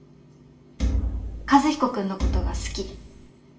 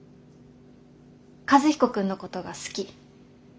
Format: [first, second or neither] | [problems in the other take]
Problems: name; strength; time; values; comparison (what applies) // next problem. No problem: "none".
second | background sound (Thump, thud); as loud as the speech // room echo; dies away in 1.4 s